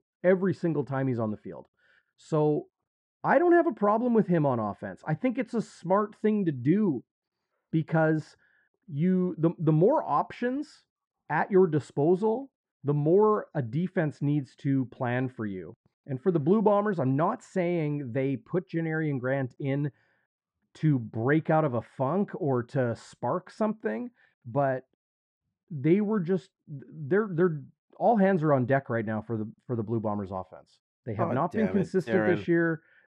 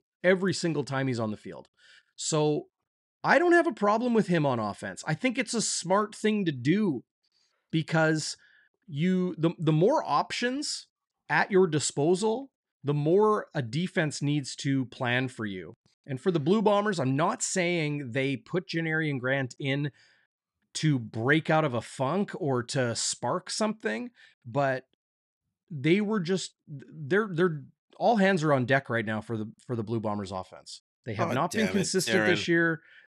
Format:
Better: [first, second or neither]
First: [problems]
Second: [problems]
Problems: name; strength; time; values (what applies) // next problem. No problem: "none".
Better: second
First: muffled; very; fading above 2.5 kHz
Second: none